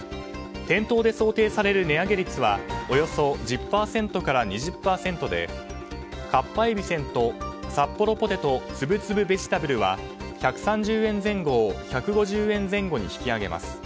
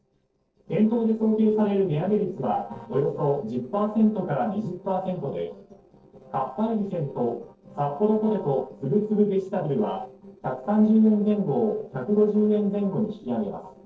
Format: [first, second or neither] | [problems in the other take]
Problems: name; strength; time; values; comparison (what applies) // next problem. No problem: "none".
first | noise reduction (neural separator model SepFormer DNS4)